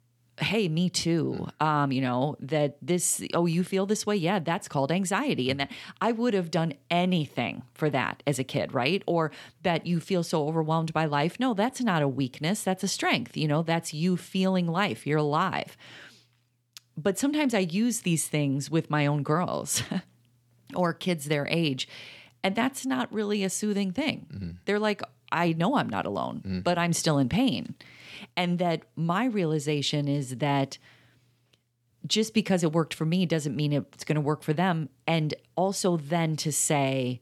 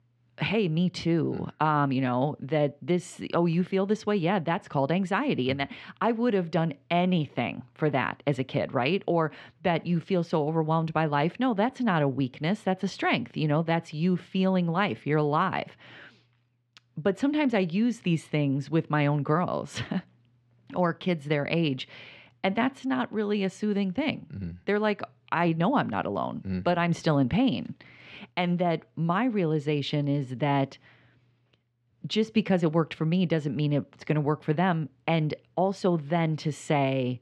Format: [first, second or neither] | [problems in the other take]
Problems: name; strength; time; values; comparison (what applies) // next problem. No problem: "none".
first | muffled; slightly; fading above 3 kHz